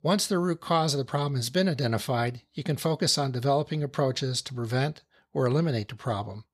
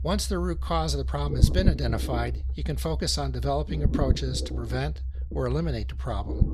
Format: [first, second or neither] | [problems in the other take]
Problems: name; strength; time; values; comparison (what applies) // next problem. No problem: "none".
first | low rumble; loud; throughout; 8 dB below the speech